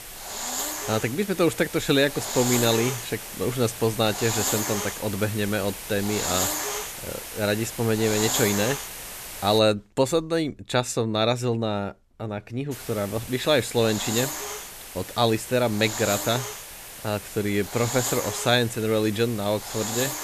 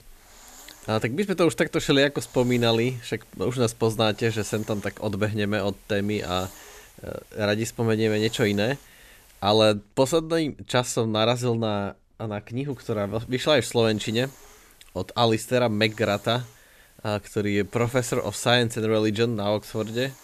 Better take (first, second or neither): second